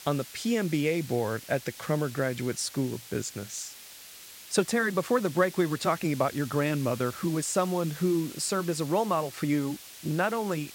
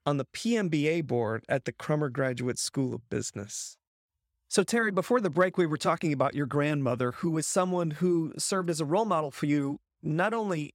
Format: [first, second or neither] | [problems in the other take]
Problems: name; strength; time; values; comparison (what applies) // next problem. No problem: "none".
second | hiss; noticeable; throughout; 15 dB below the speech